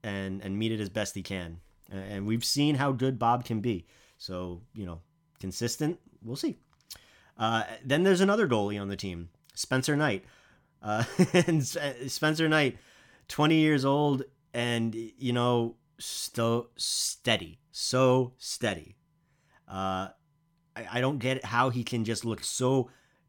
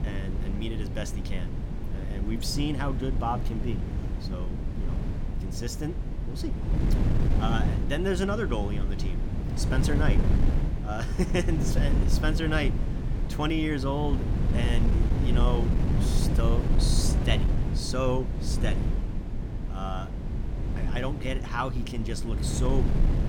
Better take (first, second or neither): first